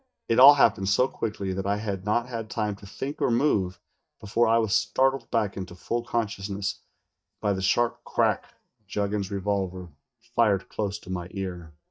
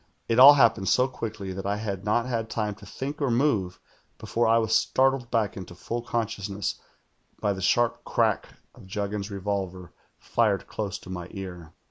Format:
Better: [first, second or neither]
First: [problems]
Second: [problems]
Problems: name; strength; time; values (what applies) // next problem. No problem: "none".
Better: second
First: noise reduction (neural mask model DeepFilterNet 3)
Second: none